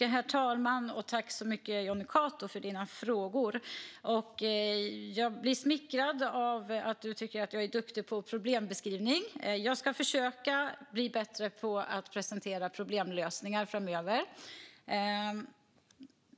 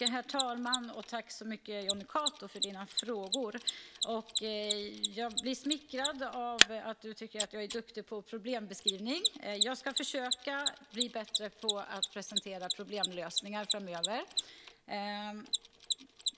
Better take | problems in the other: first | background sound (Mechanisms); 2 dB above the speech

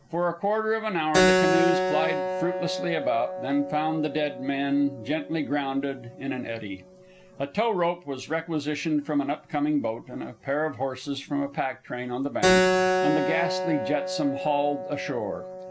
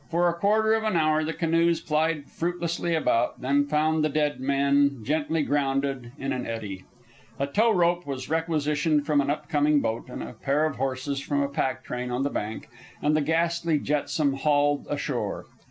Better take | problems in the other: second | background sound (Keyboard (musical)); 2 dB below the speech

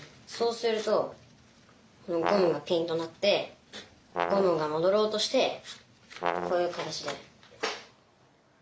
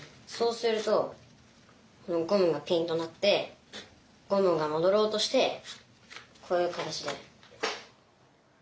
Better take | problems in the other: second | background sound (Brass instrument); 4 dB below the speech

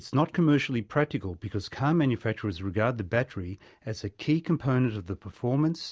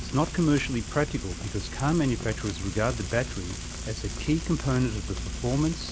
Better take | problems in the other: first | background sound (Frying (food)); 7 dB below the speech

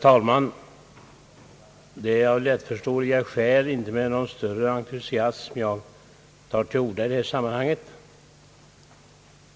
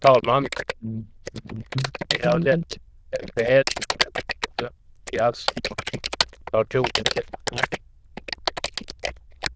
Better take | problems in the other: first | noise reduction (neural diffusion model UNIVERSE++)

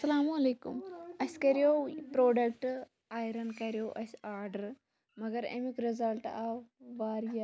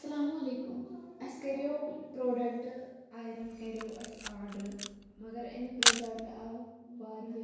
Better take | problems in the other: first | background sound (Camera); 3 dB above the speech // room echo; dies away in 1 s

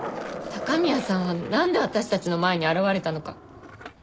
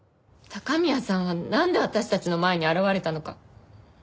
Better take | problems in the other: second | background sound (Skateboard); 11 dB below the speech

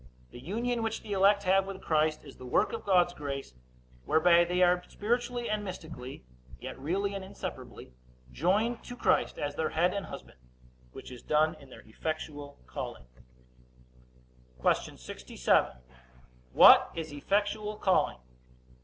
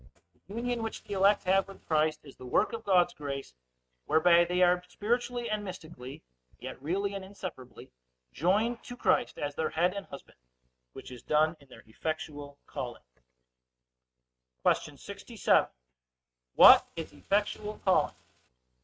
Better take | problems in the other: first | noise reduction (neural mask model RNNoise)

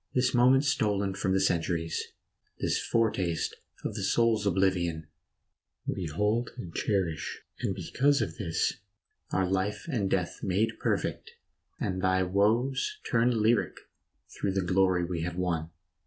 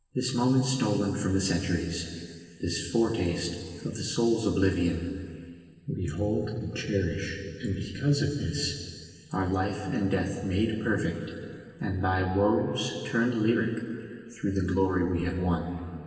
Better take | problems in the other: first | background sound (Wind instrument, woodwind instrument); 17 dB below the speech // room echo; dies away in 2.4 s

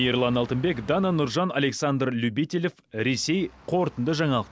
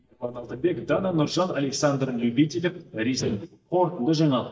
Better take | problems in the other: first | noise reduction (neural mask model DeepFilterNet 3)

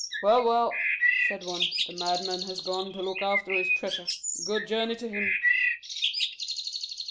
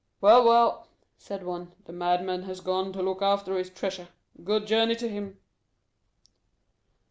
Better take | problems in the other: second | background sound (Bird); 1 dB above the speech

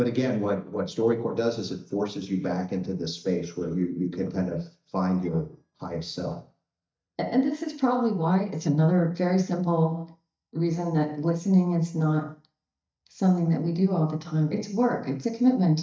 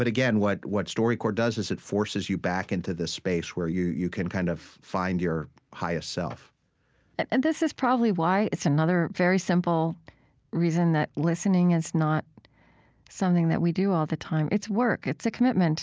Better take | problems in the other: second | noise reduction (neural mask model DeepFilterNet 3)

